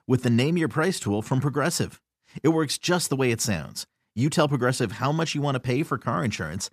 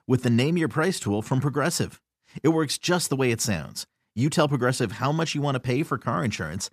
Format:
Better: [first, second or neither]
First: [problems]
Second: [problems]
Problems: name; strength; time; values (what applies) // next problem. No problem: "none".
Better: neither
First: none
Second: none